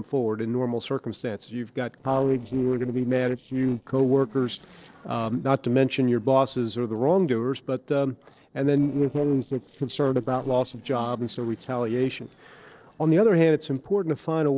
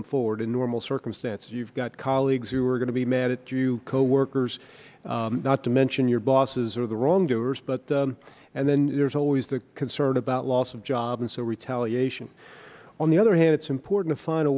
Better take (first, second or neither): second